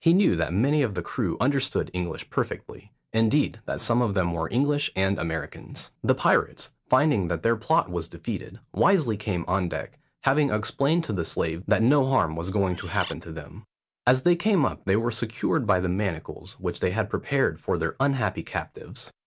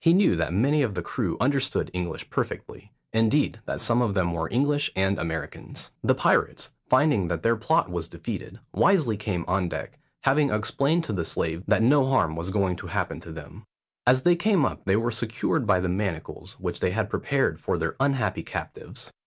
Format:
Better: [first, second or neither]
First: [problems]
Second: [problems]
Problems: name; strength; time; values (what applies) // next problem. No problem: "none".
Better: second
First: background sound (Bird); 14 dB below the speech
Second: none